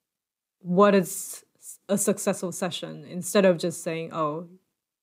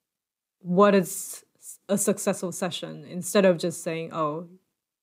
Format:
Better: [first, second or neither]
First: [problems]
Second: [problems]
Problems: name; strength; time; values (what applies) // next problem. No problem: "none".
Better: neither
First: none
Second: none